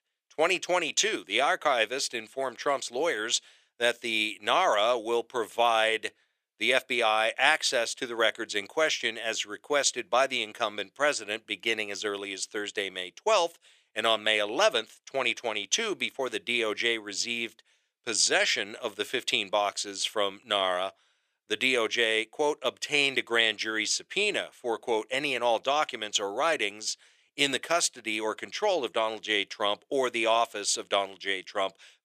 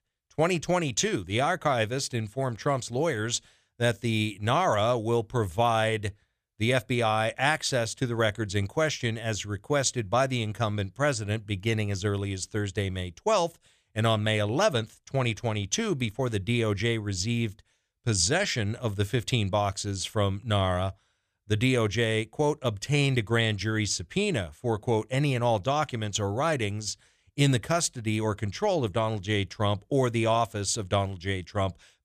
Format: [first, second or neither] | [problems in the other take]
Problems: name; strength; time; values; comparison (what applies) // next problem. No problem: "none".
second | thin; very; fading below 350 Hz